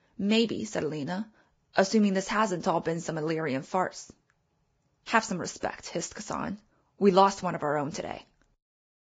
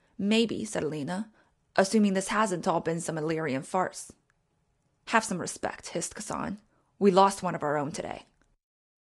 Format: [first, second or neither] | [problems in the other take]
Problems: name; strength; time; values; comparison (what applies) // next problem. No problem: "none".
second | garbled, watery; badly; nothing above 7.5 kHz; slightly in the second